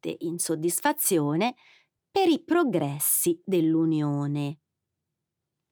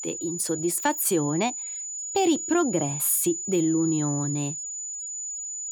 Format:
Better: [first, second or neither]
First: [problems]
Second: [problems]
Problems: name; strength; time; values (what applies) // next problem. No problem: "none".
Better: first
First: none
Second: high-pitched whine; loud; throughout; 7 kHz, 5 dB below the speech